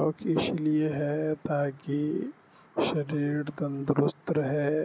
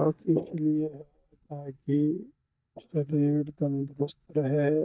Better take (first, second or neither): first